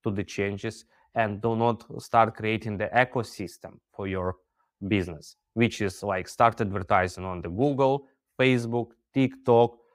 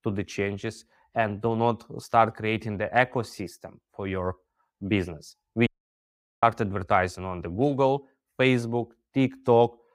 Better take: first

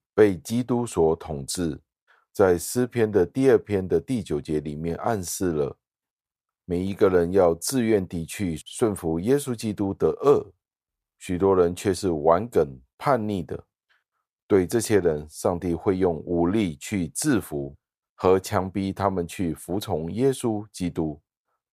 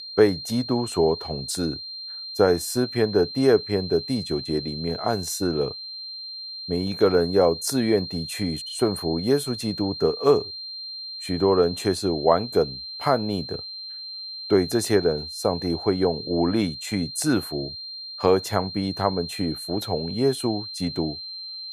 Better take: first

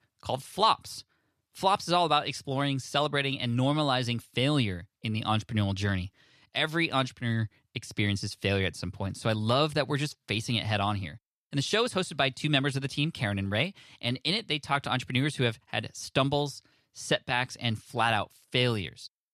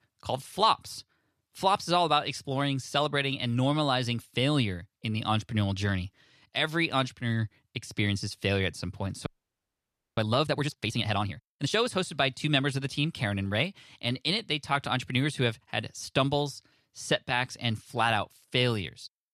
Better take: first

